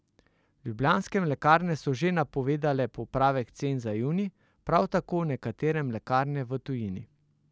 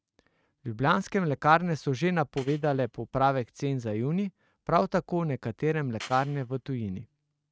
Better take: first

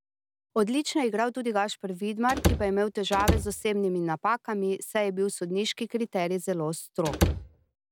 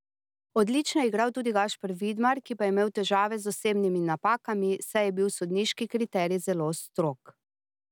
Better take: second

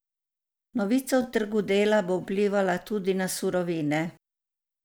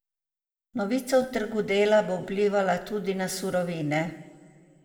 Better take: first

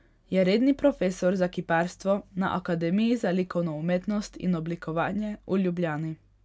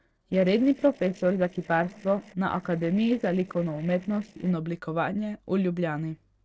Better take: first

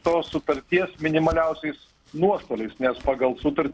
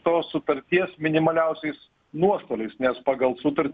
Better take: second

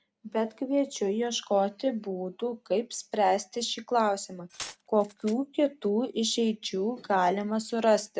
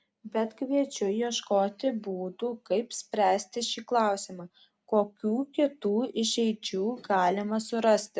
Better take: second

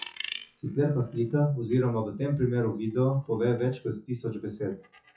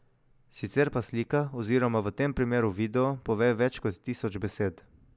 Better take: second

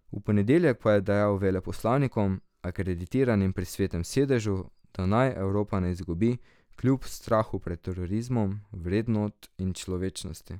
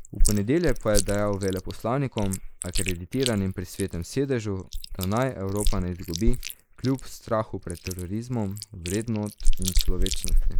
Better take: first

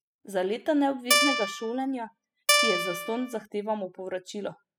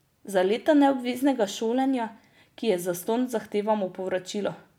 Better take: second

